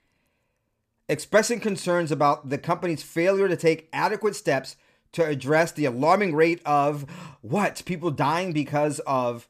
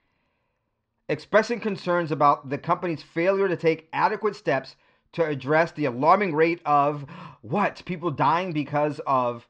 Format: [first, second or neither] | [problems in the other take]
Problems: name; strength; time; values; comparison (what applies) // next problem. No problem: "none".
first | muffled; slightly; fading above 4.5 kHz